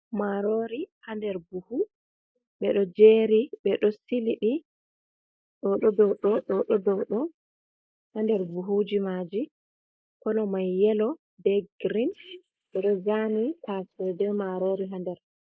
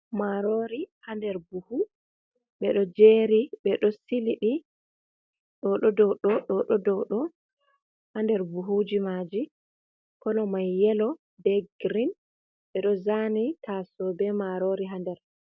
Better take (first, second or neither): second